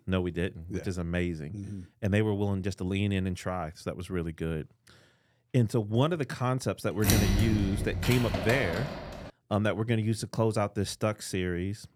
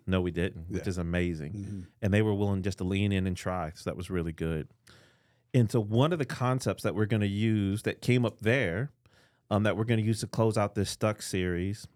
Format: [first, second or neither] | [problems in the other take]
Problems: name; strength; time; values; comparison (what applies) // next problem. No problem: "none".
second | door banging; loud; from 7 to 9 s; peak 5 dB above the speech